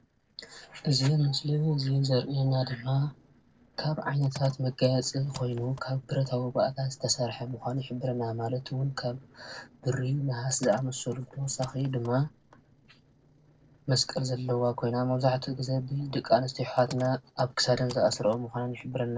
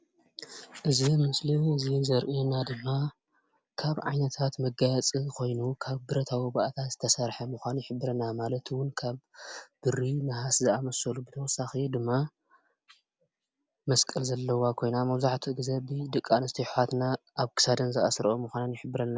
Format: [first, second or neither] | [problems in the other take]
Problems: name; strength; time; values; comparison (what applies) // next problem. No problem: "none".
second | noise reduction (neural separator model SepFormer DNS4)